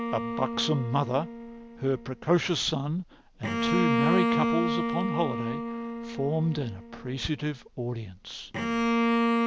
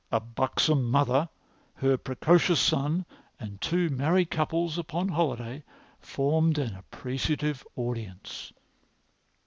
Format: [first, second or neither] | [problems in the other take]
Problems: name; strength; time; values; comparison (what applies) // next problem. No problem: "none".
second | background sound (Bowed string instrument); as loud as the speech